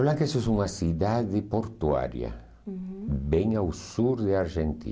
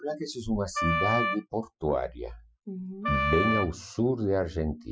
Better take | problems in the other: first | noise reduction (classical method Wiener filter)

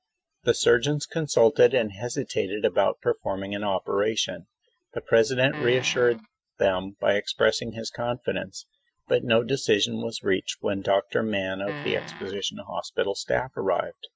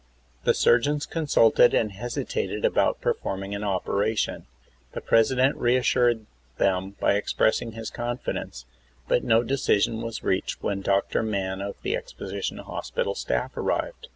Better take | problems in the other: second | noise reduction (classical method Wiener filter)

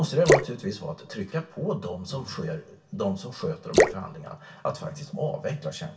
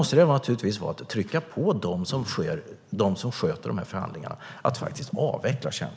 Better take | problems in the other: second | background sound (Drip / Splash, splatter); 3 dB above the speech // room echo; dies away in 0.2 s

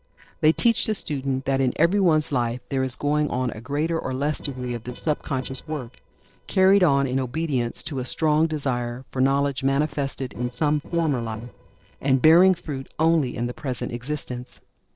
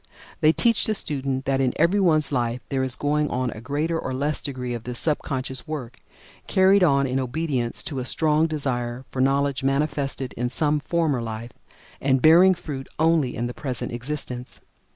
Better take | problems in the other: second | noise reduction (neural separator model SepFormer DNS4)

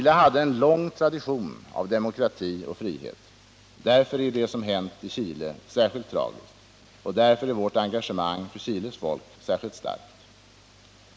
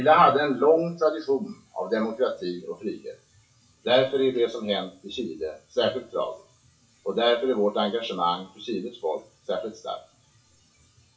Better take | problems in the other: first | noise reduction (classical method WPE with log-MMSE)

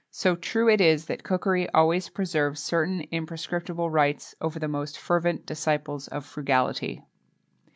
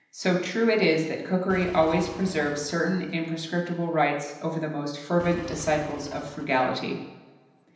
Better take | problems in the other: first | background sound (Engine); 16 dB below the speech // room echo; dies away in 0.9 s

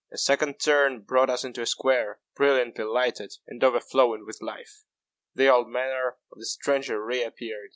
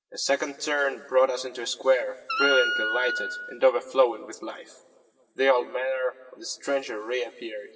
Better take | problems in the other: first | background sound (Wind instrument, woodwind instrument); 1 dB below the speech // room echo; dies away in 2.9 s

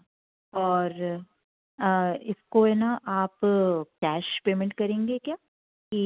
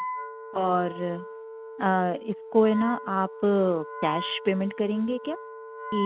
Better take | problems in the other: first | background sound (Wind instrument, woodwind instrument); 10 dB below the speech

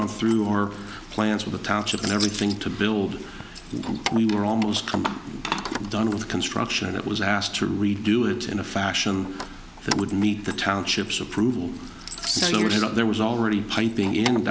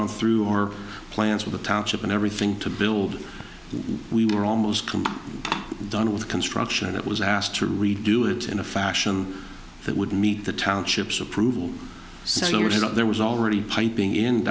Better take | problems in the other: second | background sound (Keys jangling); 13 dB below the speech

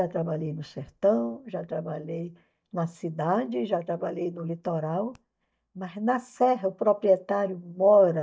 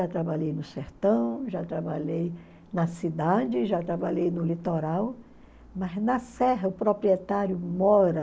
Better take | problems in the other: second | noise reduction (neural mask model DeepFilterNet 3)

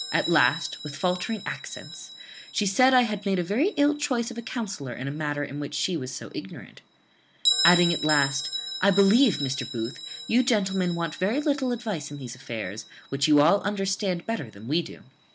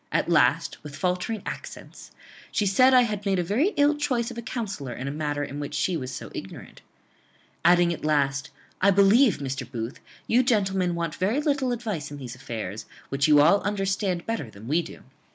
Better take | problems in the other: second | background sound (Bell); 10 dB below the speech

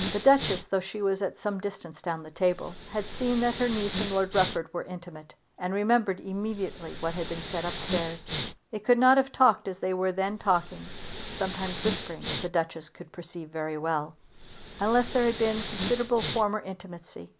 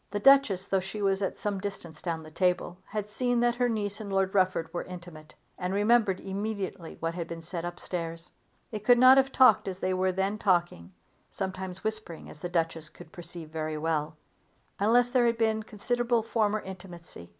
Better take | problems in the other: second | background sound (Respiratory sounds); 10 dB below the speech

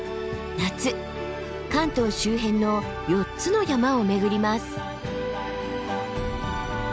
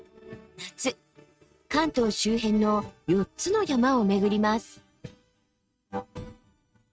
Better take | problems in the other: first | noise reduction (neural mask model RNNoise)

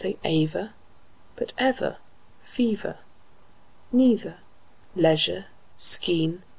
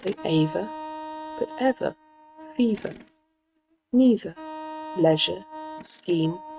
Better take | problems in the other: first | noise reduction (neural mask model RNNoise)

